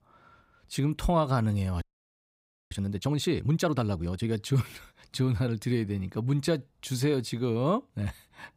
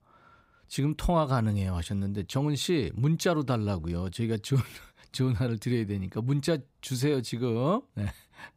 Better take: second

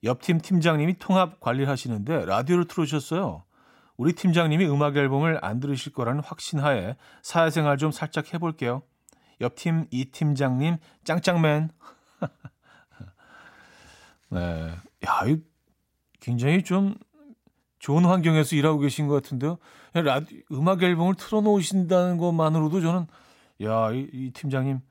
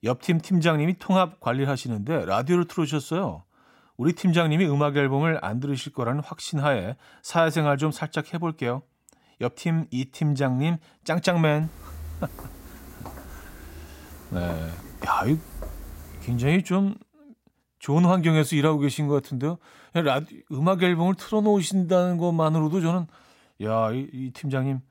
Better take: first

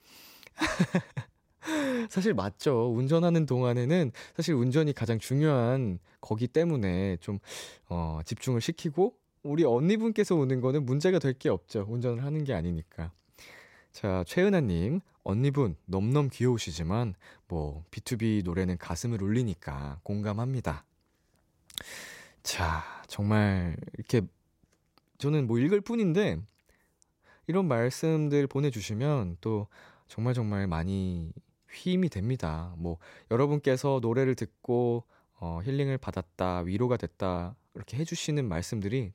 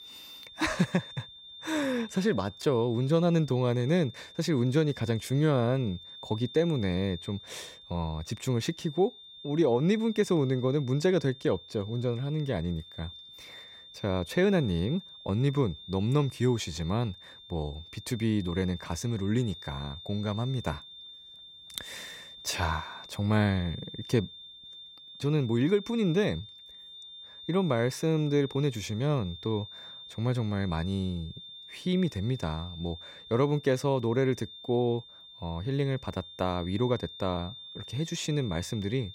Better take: first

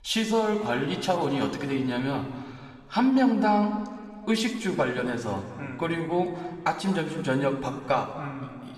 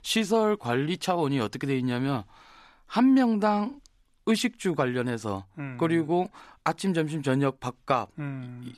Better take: second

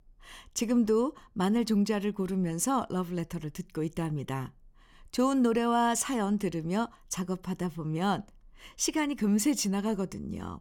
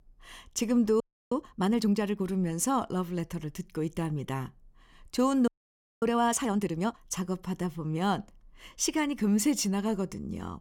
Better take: first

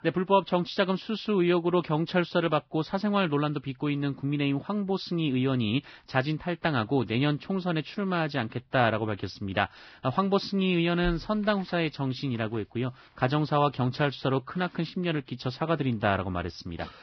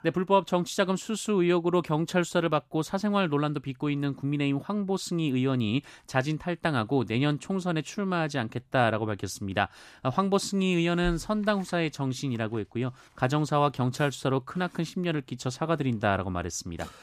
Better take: second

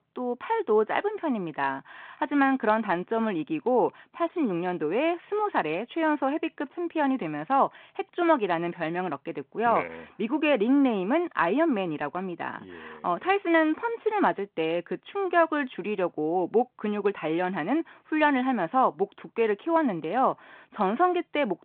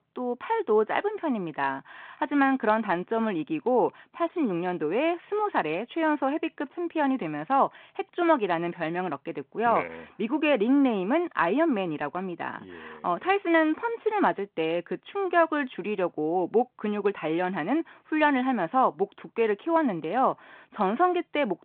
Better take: neither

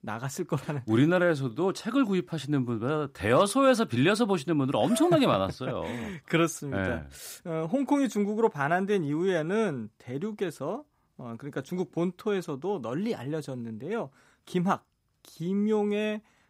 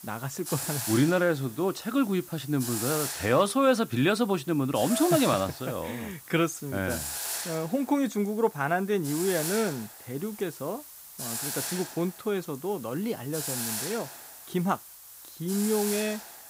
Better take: first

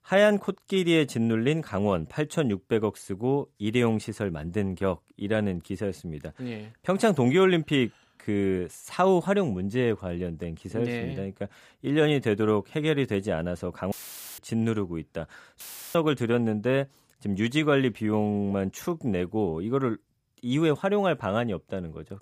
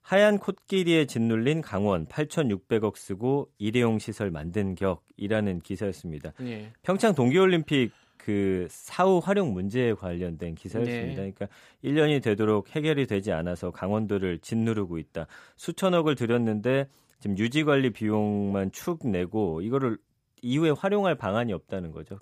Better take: second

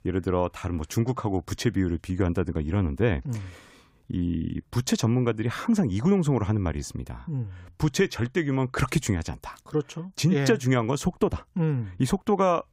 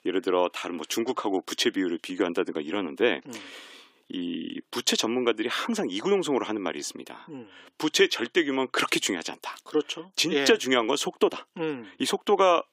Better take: first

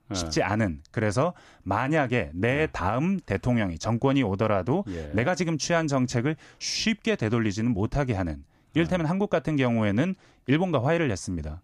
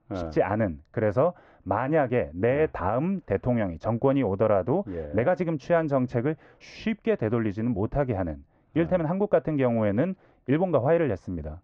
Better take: first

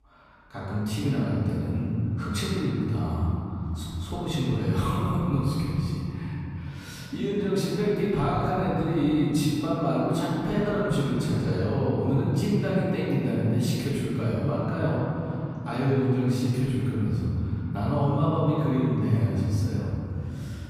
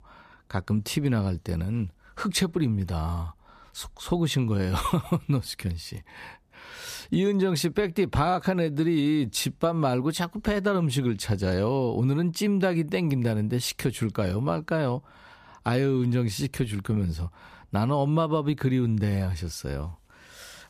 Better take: second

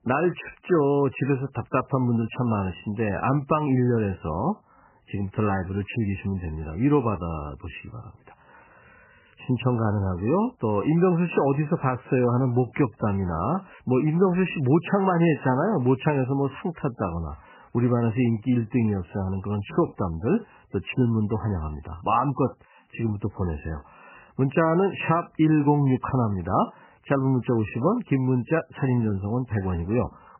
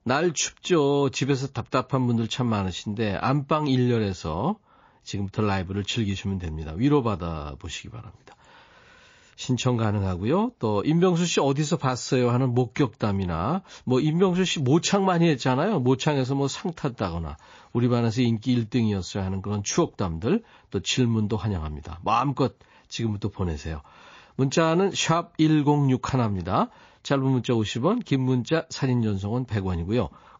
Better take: second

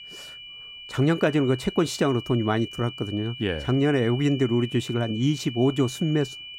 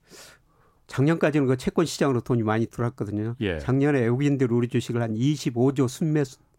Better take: second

